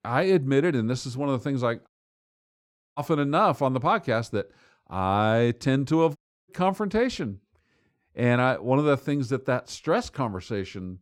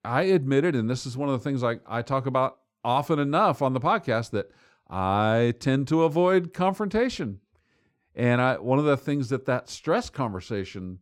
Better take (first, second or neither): second